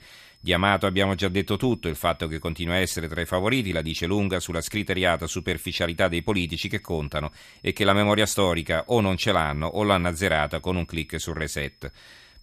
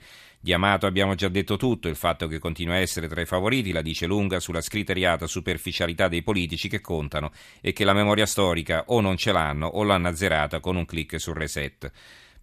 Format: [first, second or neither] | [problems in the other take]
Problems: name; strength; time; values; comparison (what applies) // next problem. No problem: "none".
second | high-pitched whine; faint; throughout; 5 kHz, 30 dB below the speech